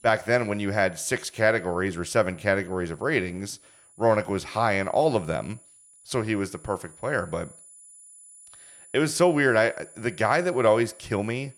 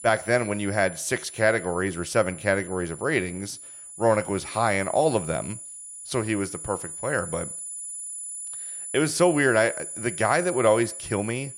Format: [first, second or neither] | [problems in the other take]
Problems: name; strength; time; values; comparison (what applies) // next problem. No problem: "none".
first | high-pitched whine; loud; throughout; 10 kHz, 10 dB below the speech; faint in the first